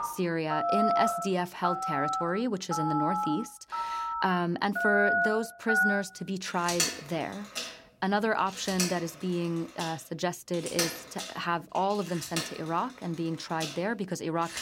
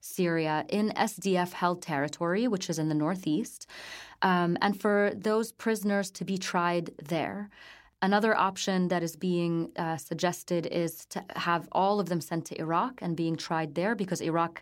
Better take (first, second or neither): second